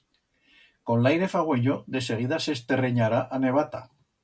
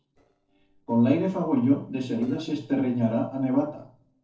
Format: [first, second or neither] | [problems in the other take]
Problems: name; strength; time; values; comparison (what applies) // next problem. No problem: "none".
first | noise reduction (neural separator model SepFormer DNS4)